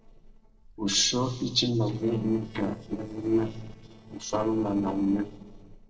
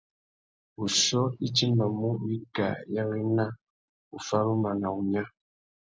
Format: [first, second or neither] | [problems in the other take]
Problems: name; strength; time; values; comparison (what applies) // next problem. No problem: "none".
second | noise reduction (neural separator model SepFormer DNS4)